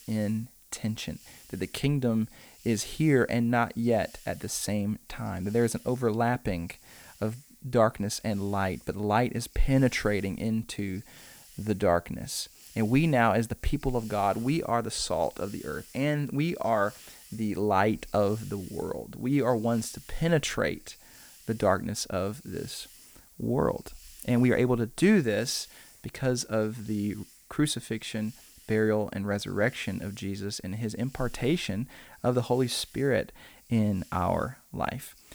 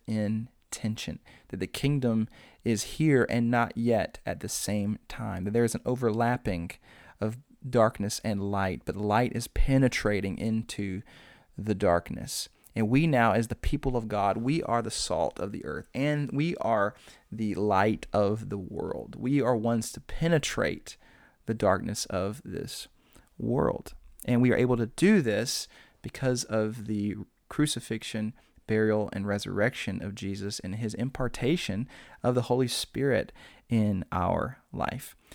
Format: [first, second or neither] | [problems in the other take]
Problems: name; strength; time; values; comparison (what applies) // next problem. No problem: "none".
second | hiss; faint; throughout; 25 dB below the speech